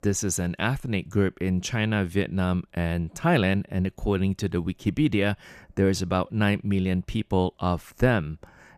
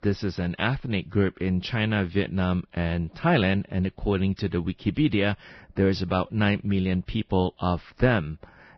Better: first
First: none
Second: garbled, watery; badly; nothing above 5.5 kHz

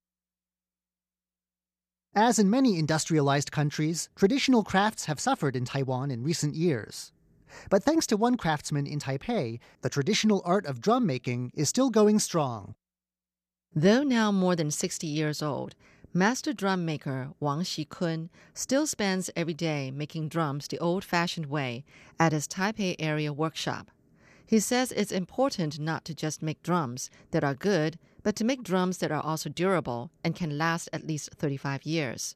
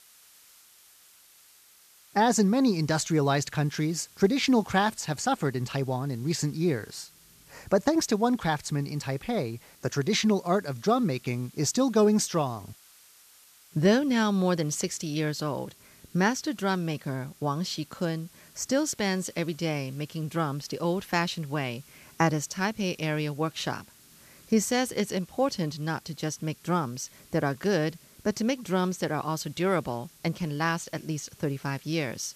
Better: first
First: none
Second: hiss; faint; throughout; 25 dB below the speech

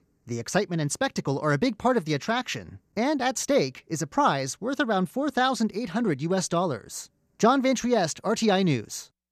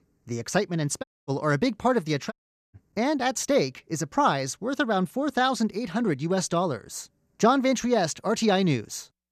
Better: first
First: none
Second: audio cutting out; at 1 s and at 2.5 s

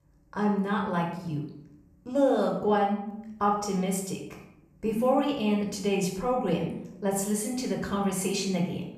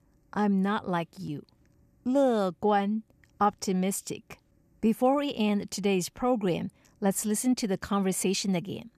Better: second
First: off-mic speech; somewhat distant // room echo; noticeable; dies away in 0.6 s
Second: none

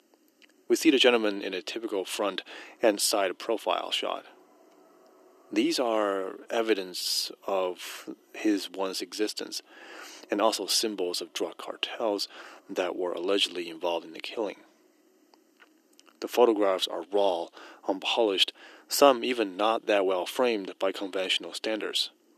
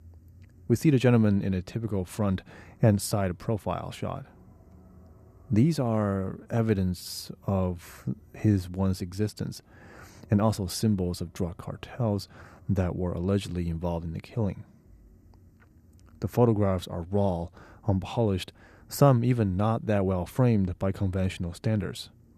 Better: second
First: thin; very; fading below 300 Hz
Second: none

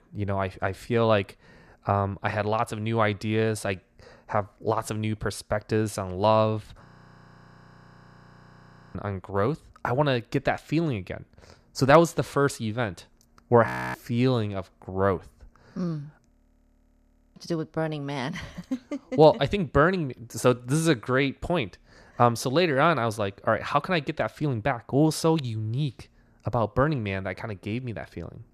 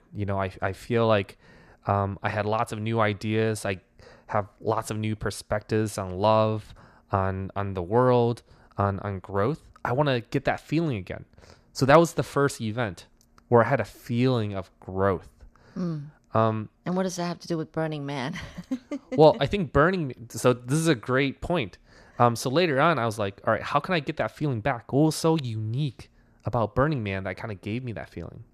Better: second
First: audio freezing; at 7 s for 2 s, at 14 s and at 16 s for 1 s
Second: none

